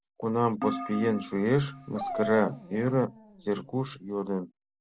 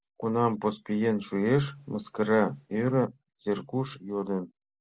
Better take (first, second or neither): second